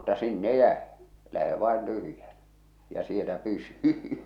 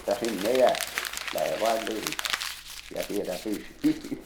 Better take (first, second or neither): first